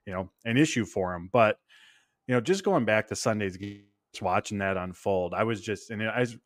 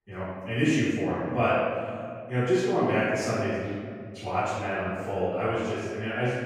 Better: first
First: none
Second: room echo; strong; dies away in 2 s // off-mic speech; far

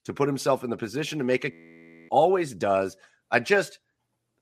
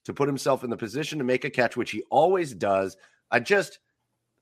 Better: second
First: audio freezing; at 1.5 s for 0.5 s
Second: none

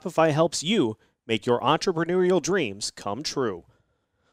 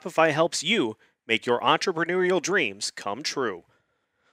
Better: first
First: none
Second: thin; very slightly; fading below 250 Hz

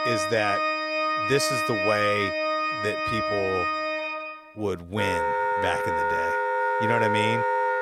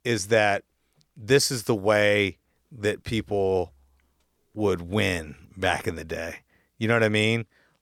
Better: second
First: background music; very loud; throughout; 3 dB above the speech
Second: none

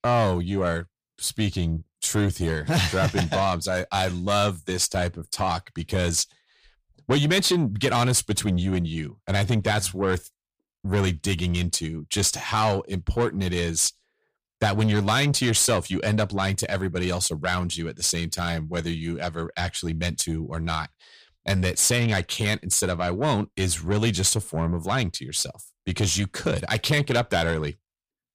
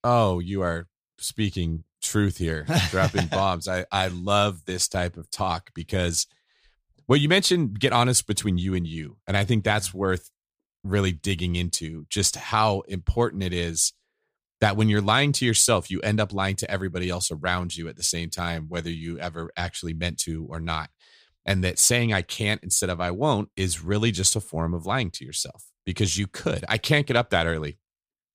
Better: second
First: distortion; slight; 10 dB below the speech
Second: none

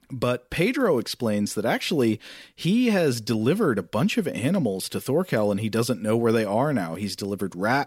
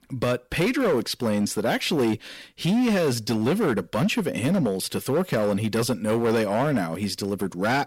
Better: first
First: none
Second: distortion; slight; 13% of the sound clipped

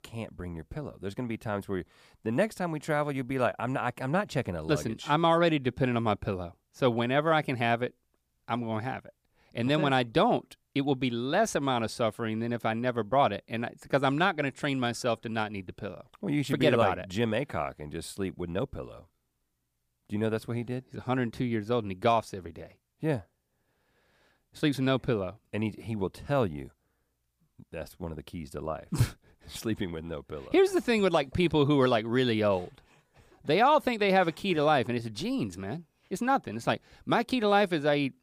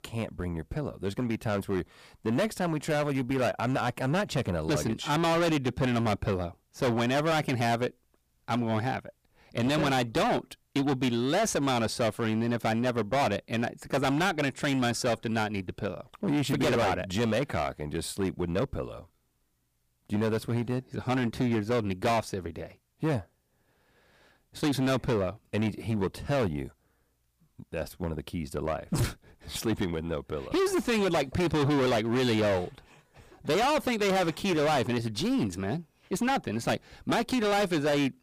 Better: first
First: none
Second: distortion; heavy; 15% of the sound clipped

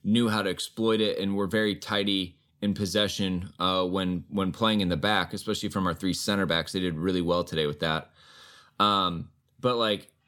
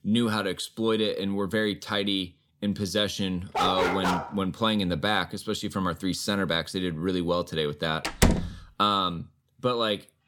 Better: first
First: none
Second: dog barking; loud; at 3.5 s; peak 1 dB above the speech // door banging; loud; at 8 s; peak 4 dB above the speech

